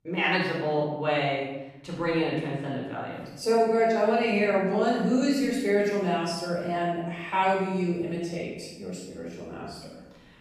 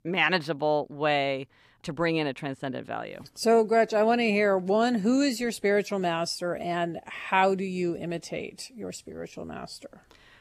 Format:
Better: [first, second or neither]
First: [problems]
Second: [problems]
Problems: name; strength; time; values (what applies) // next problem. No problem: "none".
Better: second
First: off-mic speech; far // room echo; noticeable; dies away in 0.9 s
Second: none